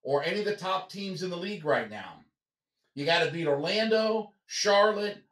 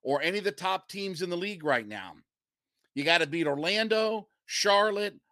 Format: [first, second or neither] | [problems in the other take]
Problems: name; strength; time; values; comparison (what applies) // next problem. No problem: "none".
second | room echo; slight; dies away in 0.3 s // off-mic speech; far